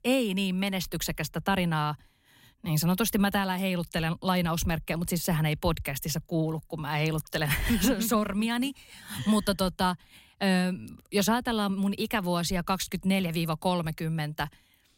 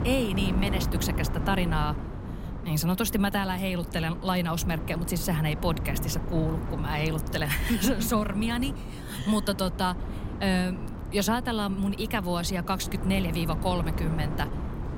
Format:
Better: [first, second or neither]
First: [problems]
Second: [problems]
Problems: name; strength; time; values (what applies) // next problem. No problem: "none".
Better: first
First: none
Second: wind noise on the microphone; occasional gusts; 10 dB below the speech